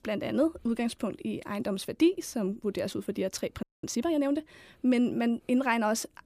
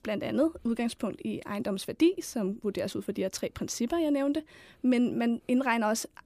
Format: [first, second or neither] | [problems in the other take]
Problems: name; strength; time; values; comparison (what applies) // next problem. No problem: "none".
second | audio freezing; at 3.5 s